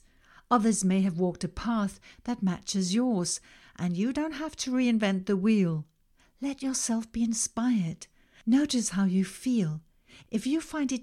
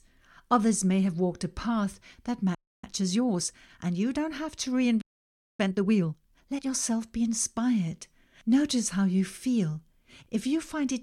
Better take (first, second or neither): first